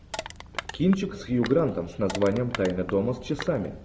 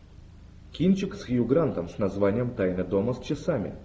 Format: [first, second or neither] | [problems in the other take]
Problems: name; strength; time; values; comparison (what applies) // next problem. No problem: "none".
second | background sound (Crushing); 13 dB below the speech